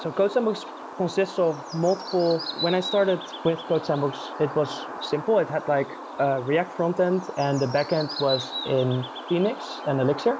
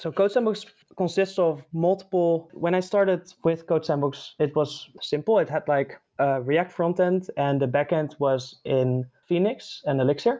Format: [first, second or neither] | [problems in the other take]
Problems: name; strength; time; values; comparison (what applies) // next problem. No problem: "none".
second | background sound (Bird); 11 dB below the speech